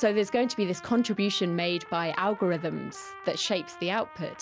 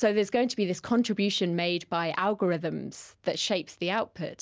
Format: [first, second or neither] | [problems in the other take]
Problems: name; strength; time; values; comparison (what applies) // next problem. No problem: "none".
second | background sound (Trumpet); 17 dB below the speech